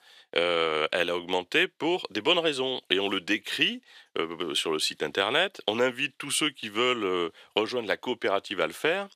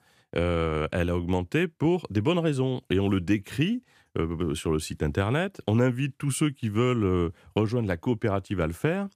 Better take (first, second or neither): second